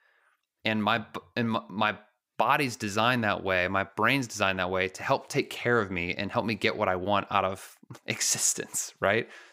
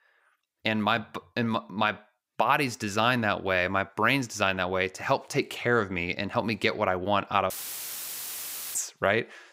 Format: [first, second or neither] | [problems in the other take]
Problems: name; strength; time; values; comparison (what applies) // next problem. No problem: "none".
first | audio cutting out; filled with static; at 7.5 s for 1.5 s